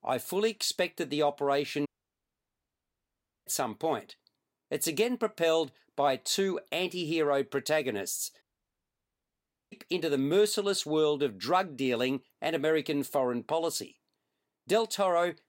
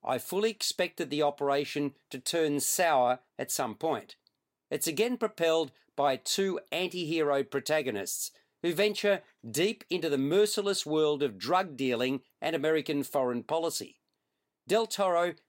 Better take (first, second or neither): second